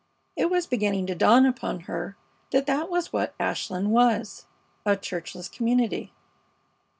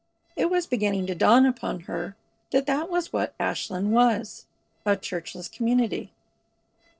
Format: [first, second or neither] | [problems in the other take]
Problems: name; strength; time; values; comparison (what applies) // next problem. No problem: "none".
first | noise reduction (neural separator model SepFormer DNS4)